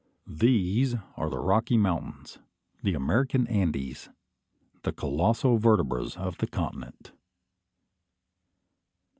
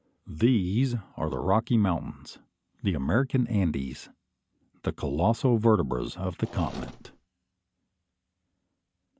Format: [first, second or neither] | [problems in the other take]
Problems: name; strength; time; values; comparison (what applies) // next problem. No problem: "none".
first | background sound (Mechanisms); 15 dB below the speech